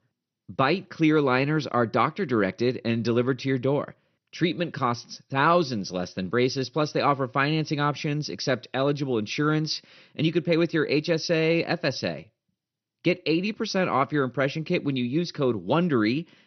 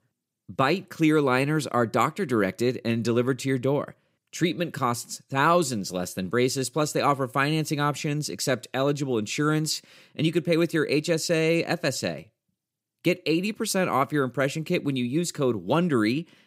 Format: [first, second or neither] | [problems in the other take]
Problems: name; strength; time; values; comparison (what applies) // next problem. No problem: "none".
second | garbled, watery; slightly; nothing above 6 kHz